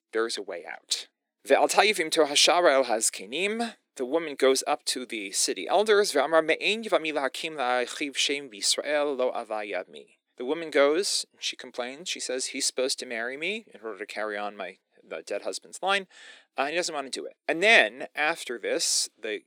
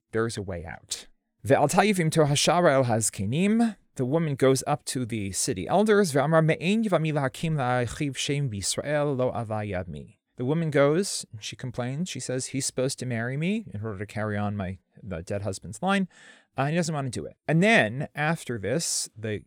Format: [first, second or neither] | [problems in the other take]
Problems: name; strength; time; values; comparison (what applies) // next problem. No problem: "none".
second | thin; somewhat; fading below 300 Hz